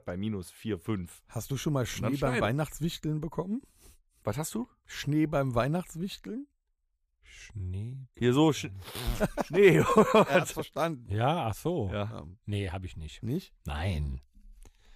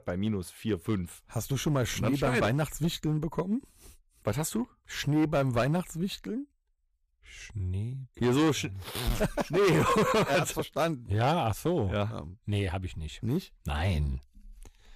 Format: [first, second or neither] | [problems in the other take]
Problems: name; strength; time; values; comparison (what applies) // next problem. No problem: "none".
first | distortion; heavy; 6% of the sound clipped